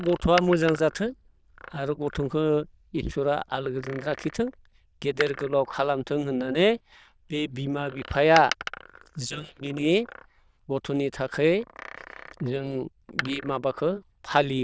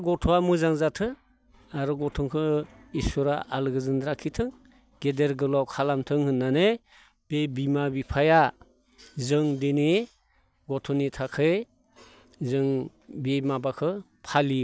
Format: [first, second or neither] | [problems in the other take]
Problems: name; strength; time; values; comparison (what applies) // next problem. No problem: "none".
second | noise reduction (neural diffusion model UNIVERSE++)